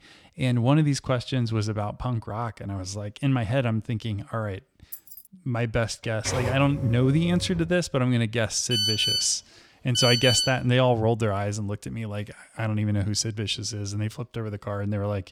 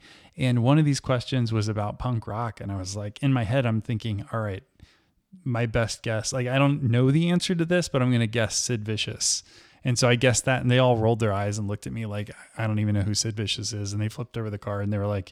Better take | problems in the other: second | jangling keys; faint; at 5 s; peak 15 dB below the speech // keyboard typing; noticeable; from 6.5 to 7.5 s; peak 4 dB below the speech // phone ringing; loud; from 8.5 to 11 s; peak 4 dB above the speech

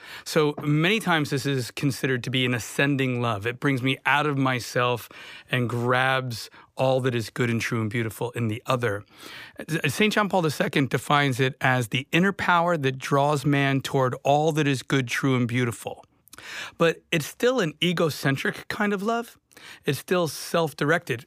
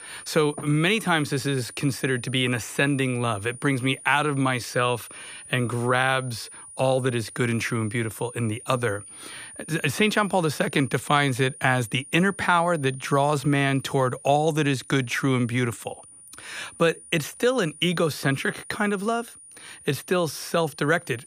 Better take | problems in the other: first | high-pitched whine; noticeable; throughout; 9.5 kHz, 15 dB below the speech

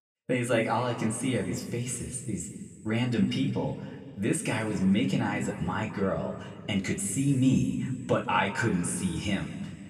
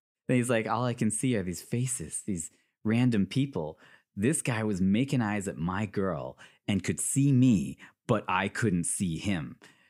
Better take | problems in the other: second | room echo; slight; dies away in 2 s // off-mic speech; somewhat distant

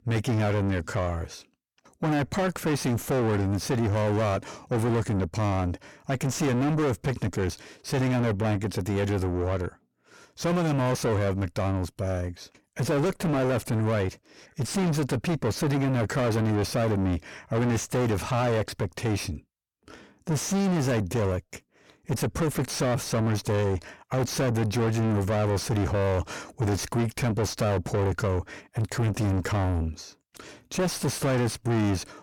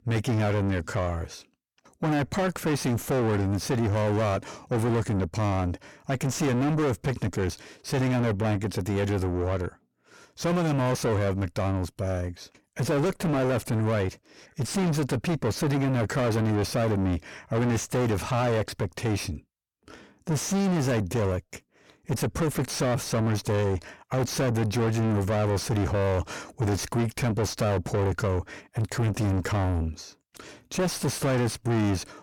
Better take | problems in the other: neither | distortion; heavy; 5 dB below the speech; the same in both

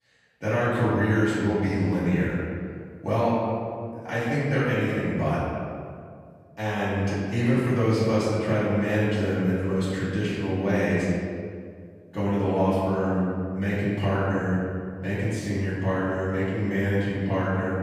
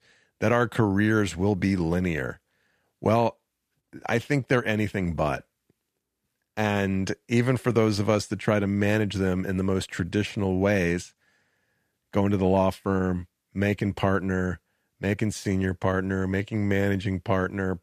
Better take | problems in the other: second | room echo; strong; dies away in 2 s // off-mic speech; far

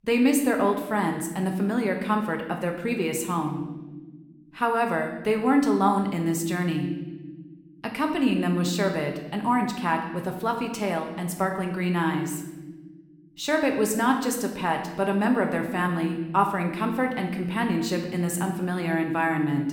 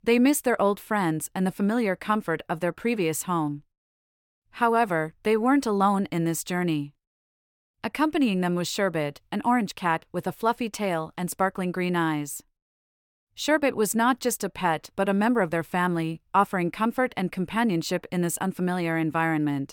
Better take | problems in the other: second | room echo; slight; dies away in 1 s

